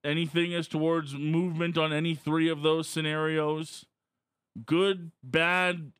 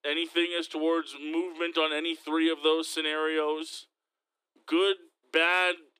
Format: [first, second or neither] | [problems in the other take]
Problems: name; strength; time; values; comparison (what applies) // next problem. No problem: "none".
first | thin; very; fading below 300 Hz